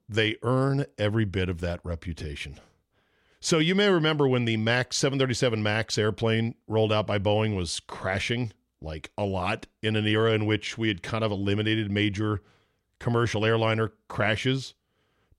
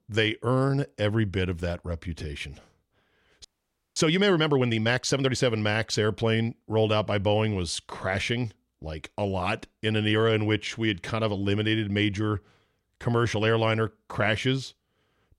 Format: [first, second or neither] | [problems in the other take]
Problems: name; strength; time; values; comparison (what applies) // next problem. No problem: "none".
first | audio freezing; at 3.5 s for 0.5 s